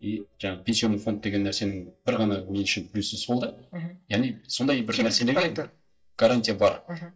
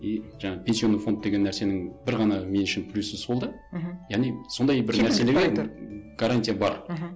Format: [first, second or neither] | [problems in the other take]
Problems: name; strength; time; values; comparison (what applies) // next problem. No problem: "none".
second | noise reduction (neural mask model DeepFilterNet 3)